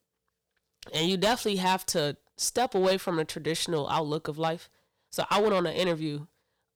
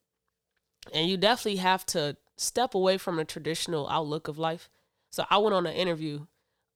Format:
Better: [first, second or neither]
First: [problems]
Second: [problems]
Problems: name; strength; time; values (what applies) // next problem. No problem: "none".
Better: second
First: distortion; slight; 3% of the sound clipped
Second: none